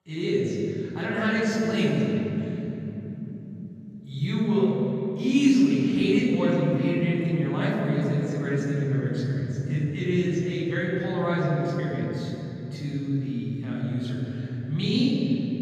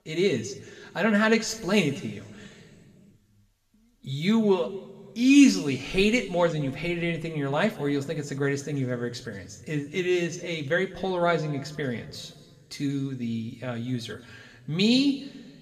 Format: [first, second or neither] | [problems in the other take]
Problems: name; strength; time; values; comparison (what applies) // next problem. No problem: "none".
second | room echo; strong; dies away in 3 s; slight in the second // off-mic speech; far